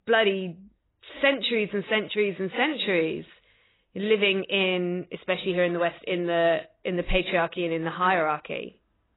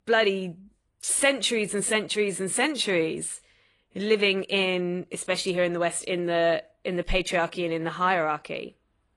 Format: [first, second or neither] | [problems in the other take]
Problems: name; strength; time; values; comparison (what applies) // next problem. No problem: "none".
second | garbled, watery; badly; nothing above 4 kHz; slightly in the second